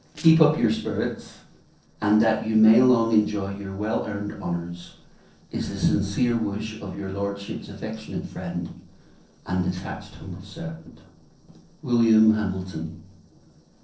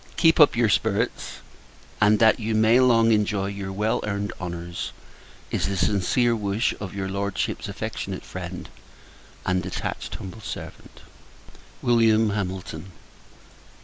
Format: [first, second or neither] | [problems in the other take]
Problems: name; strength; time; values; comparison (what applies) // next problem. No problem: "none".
second | noise reduction (neural separator model SepFormer DNS4)